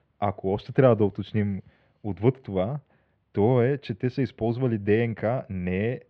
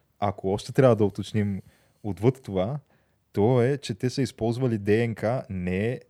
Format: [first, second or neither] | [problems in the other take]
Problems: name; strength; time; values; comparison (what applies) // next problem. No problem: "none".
second | muffled; slightly; fading above 3.5 kHz